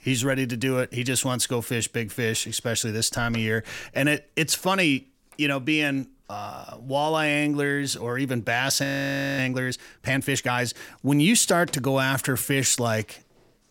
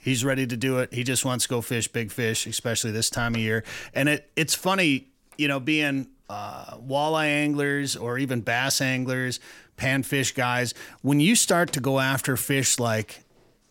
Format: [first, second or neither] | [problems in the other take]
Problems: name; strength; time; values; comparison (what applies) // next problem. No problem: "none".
second | audio freezing; at 9 s for 0.5 s